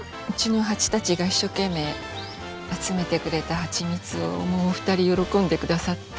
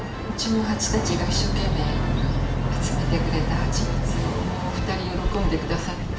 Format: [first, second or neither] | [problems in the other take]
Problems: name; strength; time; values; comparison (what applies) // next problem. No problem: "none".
first | background sound (Boat, Water vehicle); 4 dB above the speech // room echo; dies away in 0.8 s